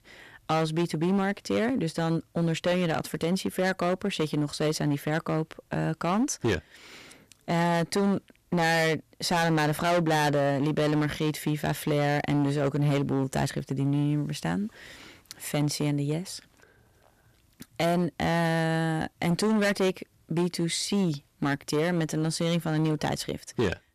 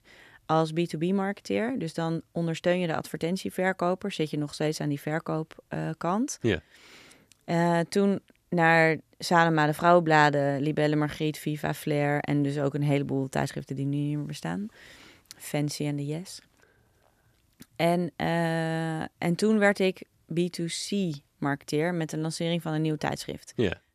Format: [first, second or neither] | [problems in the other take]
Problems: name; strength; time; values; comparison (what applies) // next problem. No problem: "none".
second | distortion; heavy; 12% of the sound clipped